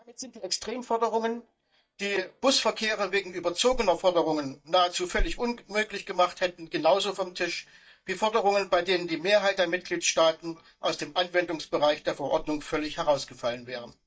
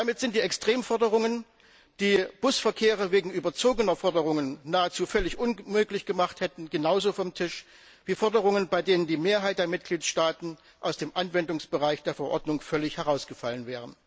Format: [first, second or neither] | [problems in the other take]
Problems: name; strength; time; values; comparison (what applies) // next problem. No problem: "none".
second | noise reduction (neural mask model DeepFilterNet 3)